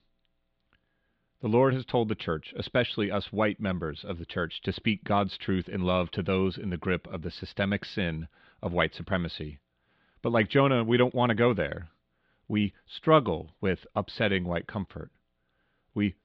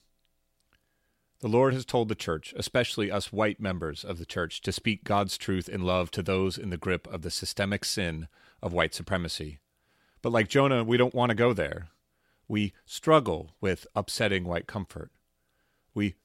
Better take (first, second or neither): second